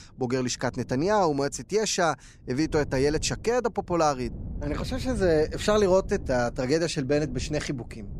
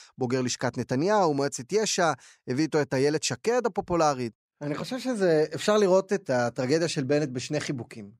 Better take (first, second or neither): second